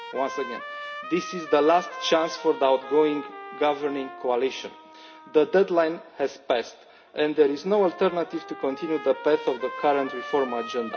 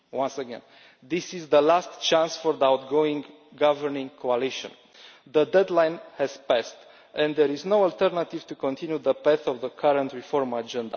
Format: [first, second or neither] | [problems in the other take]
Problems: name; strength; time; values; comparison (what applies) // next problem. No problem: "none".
second | background sound (Trumpet); 14 dB below the speech // room echo; dies away in 0.3 s